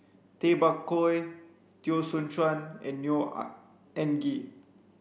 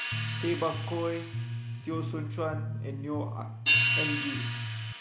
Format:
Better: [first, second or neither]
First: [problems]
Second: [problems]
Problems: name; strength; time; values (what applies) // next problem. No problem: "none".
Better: first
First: none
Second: background sound (Hi-hat + Bass guitar); 4 dB above the speech